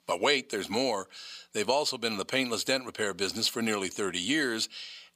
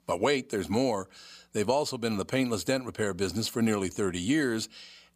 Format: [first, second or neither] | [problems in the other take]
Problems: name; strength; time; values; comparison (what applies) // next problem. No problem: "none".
second | thin; very slightly; fading below 400 Hz